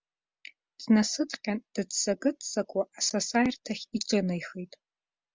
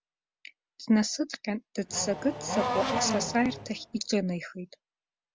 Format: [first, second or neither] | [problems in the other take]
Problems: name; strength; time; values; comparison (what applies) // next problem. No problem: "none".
first | background sound (Race car, auto racing / Accelerating, revving, vroom); 2 dB below the speech